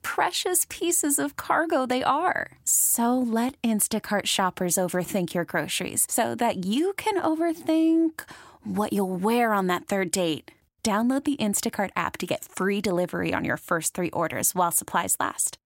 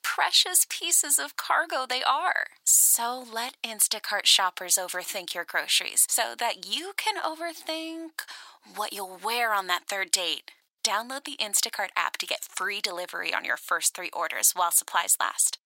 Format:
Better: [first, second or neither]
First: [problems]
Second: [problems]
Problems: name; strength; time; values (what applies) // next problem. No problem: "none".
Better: first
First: none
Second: thin; very; fading below 950 Hz